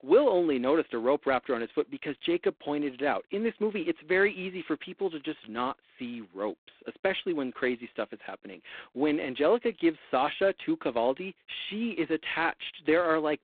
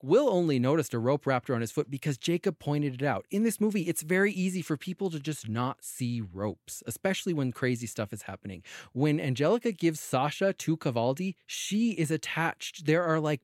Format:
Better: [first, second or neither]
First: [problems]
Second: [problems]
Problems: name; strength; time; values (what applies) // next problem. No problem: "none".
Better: second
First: phone-call audio; poor line; nothing above 3.5 kHz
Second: none